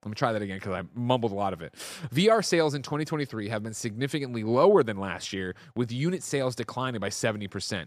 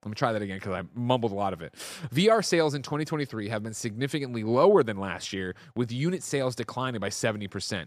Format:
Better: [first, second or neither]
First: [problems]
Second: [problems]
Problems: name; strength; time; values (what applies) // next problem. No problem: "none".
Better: neither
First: none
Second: none